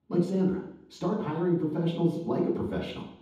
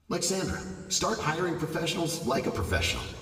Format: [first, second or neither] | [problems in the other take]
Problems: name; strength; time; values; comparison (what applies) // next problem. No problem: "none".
second | room echo; strong; dies away in 0.9 s; slight in the second // off-mic speech; far; somewhat distant in the second